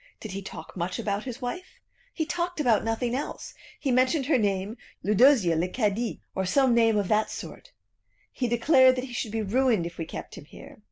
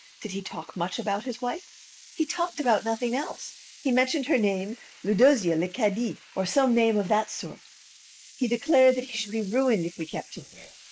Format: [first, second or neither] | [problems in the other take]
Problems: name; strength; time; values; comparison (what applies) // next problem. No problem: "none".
first | noise reduction (neural mask model Resemble Enhance denoiser)